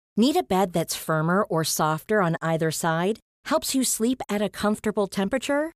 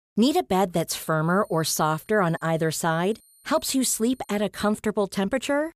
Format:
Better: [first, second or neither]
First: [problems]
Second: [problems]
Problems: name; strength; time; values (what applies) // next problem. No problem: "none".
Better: first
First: none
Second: high-pitched whine; faint; from 1.5 to 4.5 s; 9 kHz, 30 dB below the speech